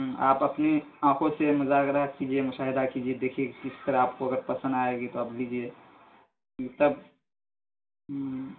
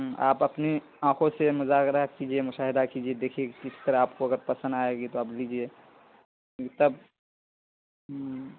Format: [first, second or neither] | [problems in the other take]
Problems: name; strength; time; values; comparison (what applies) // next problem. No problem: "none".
second | room echo; dies away in 0.3 s